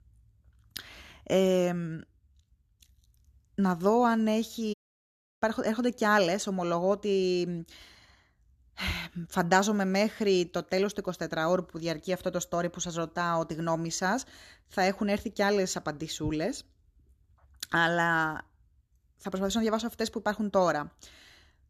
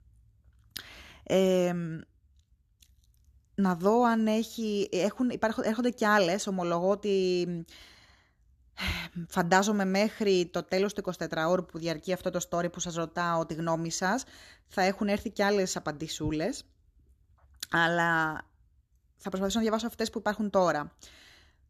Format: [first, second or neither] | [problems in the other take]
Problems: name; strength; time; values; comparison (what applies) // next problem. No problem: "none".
second | audio cutting out; at 4.5 s for 0.5 s